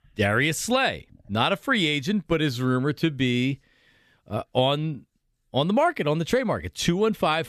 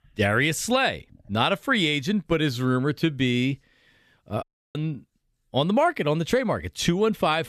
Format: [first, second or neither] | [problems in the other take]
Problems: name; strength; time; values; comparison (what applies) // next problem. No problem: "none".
first | audio cutting out; at 4.5 s